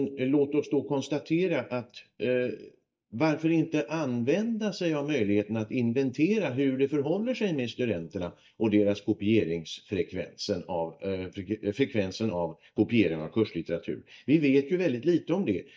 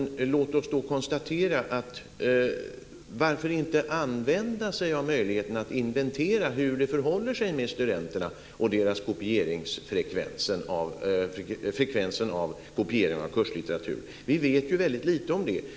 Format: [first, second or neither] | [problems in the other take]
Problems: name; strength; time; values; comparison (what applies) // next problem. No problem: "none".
second | noise reduction (neural mask model DeepFilterNet 3)